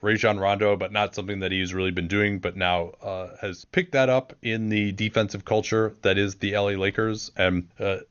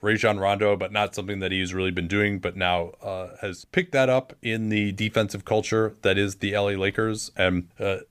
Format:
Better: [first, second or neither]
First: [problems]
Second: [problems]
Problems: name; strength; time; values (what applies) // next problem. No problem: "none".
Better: second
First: garbled, watery; slightly; nothing above 6.5 kHz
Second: none